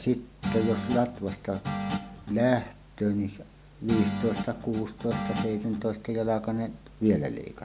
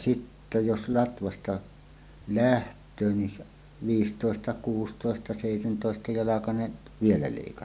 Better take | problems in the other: second | background sound (Guitar); 5 dB below the speech

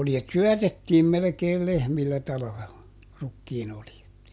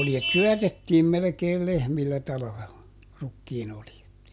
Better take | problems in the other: first | background sound (Vehicle horn, car horn, honking); 11 dB below the speech

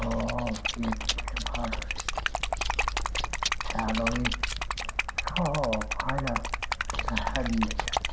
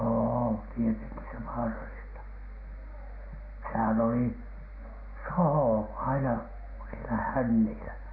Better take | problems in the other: second | background sound (Liquid + Chewing, mastication); 3 dB above the speech

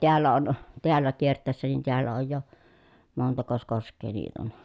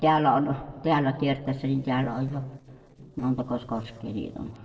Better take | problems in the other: first | noise reduction (neural separator model SepFormer DNS4)

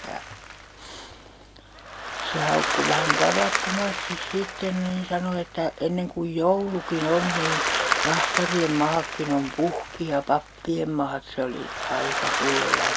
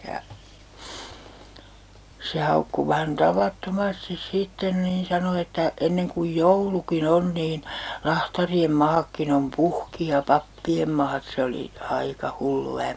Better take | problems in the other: second | background sound (Applause); 2 dB below the speech

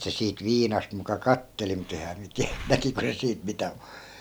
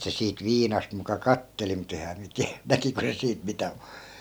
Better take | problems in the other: second | background sound (Breathing); 13 dB below the speech

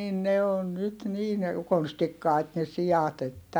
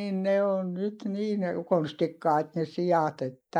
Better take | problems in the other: first | noise reduction (neural mask model Resemble Enhance denoiser)

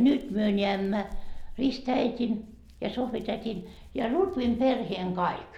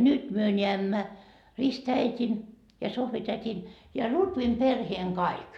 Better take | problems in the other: second | background sound (Hands); 14 dB below the speech

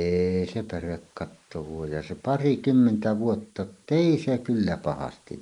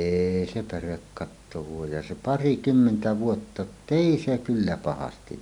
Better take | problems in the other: second | noise reduction (neural mask model Resemble Enhance denoiser)

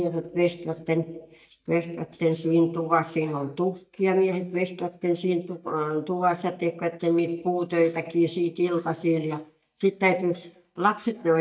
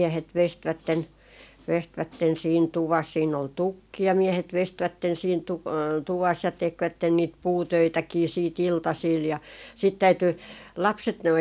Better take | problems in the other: second | noise reduction (neural mask model DeepFilterNet 3)

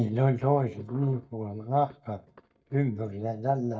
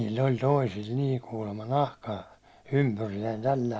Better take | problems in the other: second | noise reduction (neural mask model DeepFilterNet 3)

